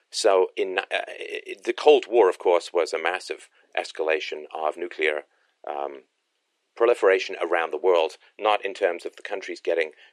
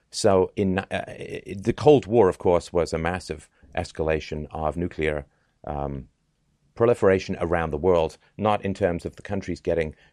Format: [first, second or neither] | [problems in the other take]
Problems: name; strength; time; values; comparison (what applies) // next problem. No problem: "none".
second | thin; very; fading below 350 Hz